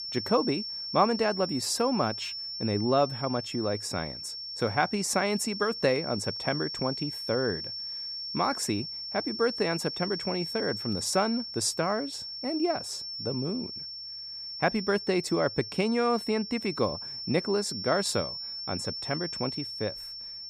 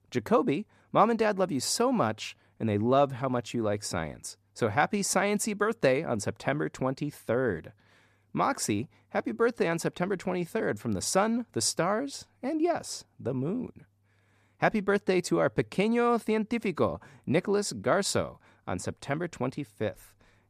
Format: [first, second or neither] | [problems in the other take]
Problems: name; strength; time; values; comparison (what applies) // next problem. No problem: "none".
second | high-pitched whine; loud; throughout; 5.5 kHz, 5 dB below the speech